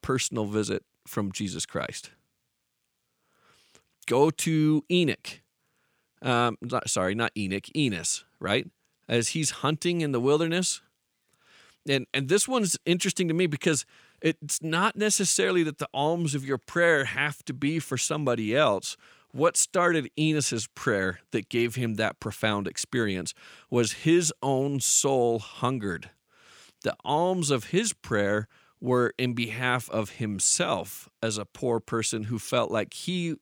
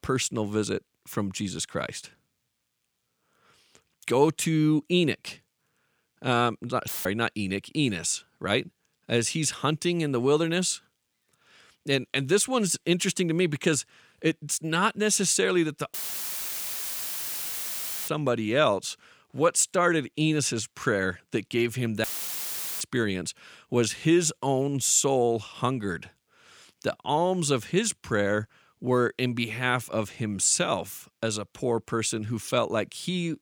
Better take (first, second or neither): first